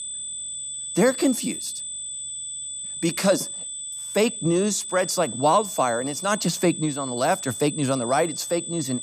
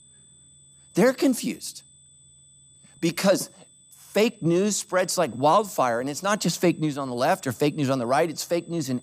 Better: second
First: high-pitched whine; loud; throughout; 8 kHz, 7 dB below the speech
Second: high-pitched whine; faint; throughout; 8 kHz, 30 dB below the speech

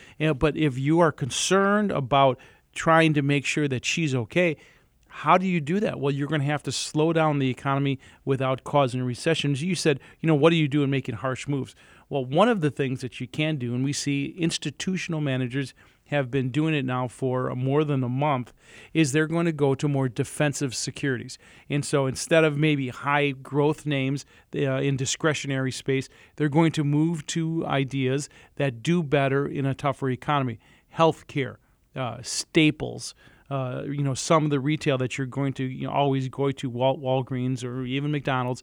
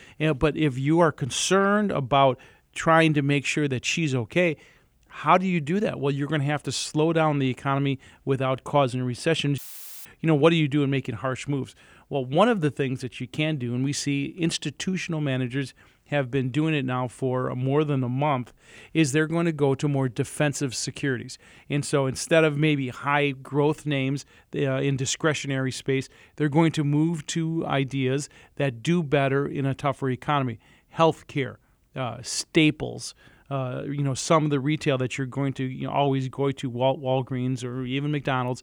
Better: first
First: none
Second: audio cutting out; filled with static; at 9.5 s

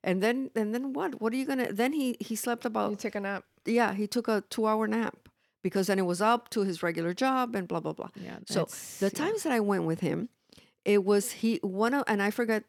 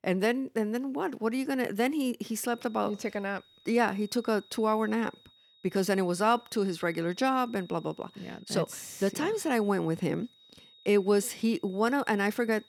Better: first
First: none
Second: high-pitched whine; faint; from 2.5 s on; 4 kHz, 25 dB below the speech

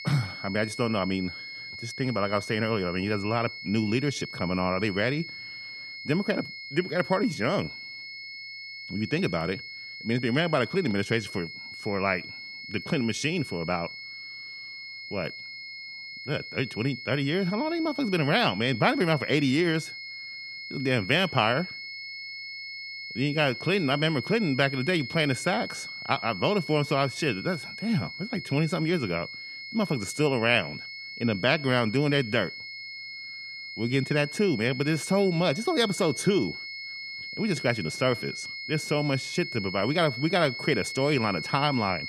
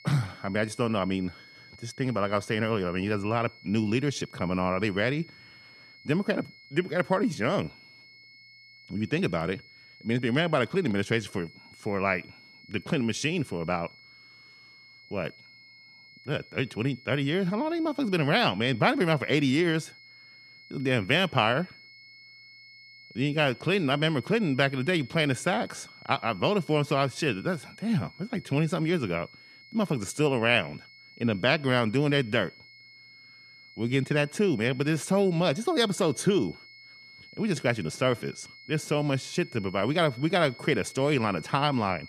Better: second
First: high-pitched whine; loud; throughout; 2 kHz, 9 dB below the speech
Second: high-pitched whine; faint; throughout; 2 kHz, 20 dB below the speech

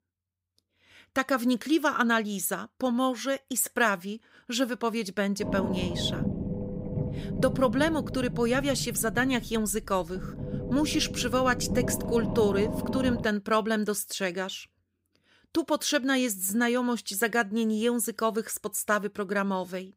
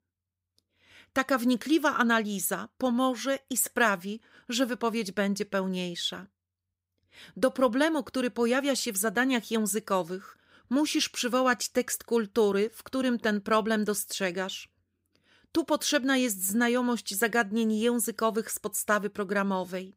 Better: second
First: low rumble; noticeable; from 5.5 to 13 s; 10 dB below the speech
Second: none

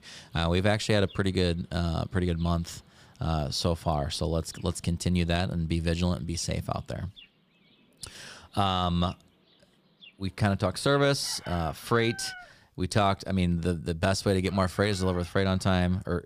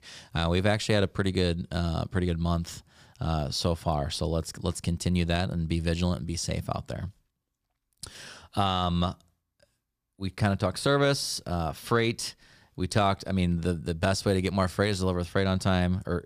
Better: second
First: animal sounds; faint; throughout; 25 dB below the speech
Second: none

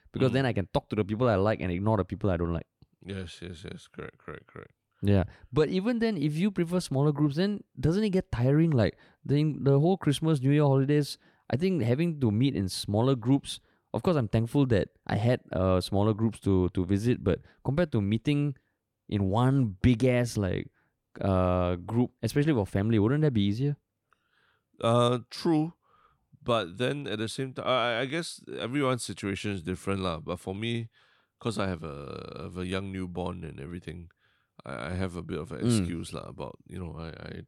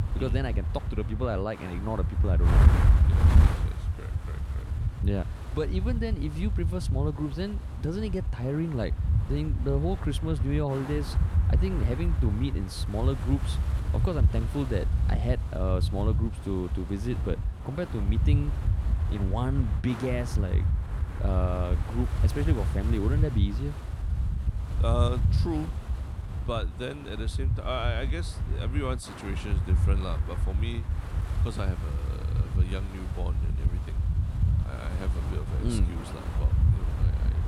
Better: first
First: none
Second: wind noise on the microphone; heavy; 6 dB below the speech

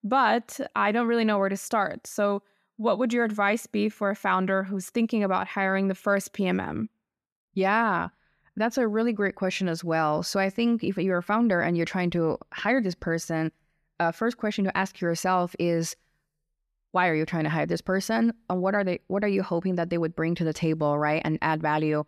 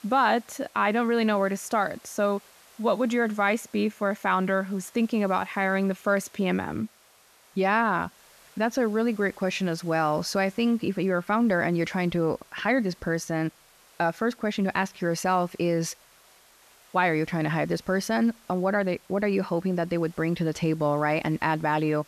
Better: first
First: none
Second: hiss; faint; throughout; 25 dB below the speech

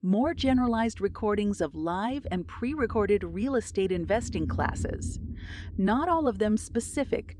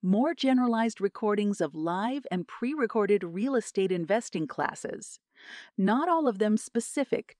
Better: second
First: low rumble; faint; throughout; 20 dB below the speech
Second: none

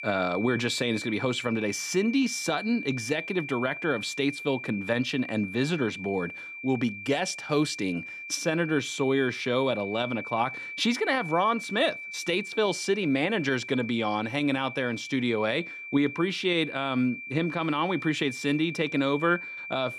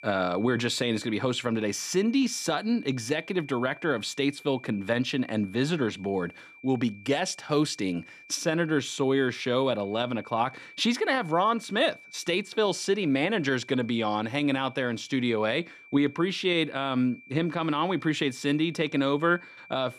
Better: second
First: high-pitched whine; loud; throughout; 2.5 kHz, 9 dB below the speech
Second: high-pitched whine; faint; throughout; 2.5 kHz, 20 dB below the speech

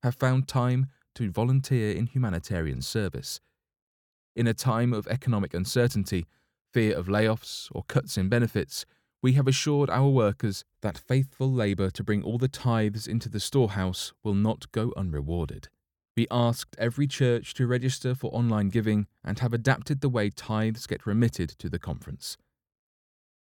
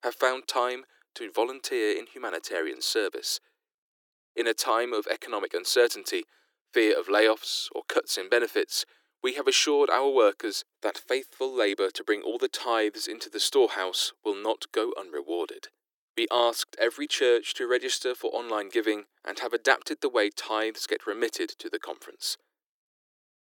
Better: first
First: none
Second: thin; very; fading below 300 Hz

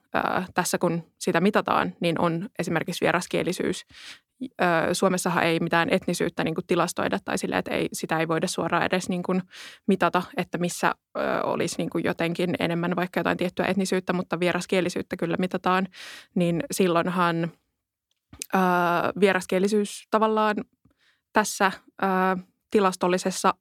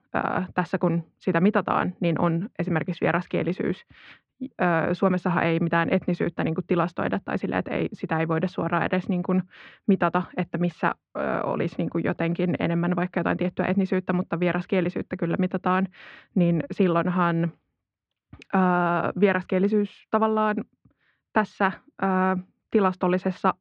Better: first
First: none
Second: muffled; very; fading above 2.5 kHz

